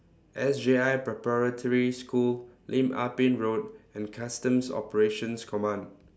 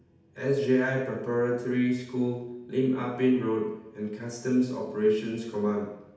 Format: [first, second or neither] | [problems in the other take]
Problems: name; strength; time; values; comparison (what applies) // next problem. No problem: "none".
first | room echo; dies away in 0.8 s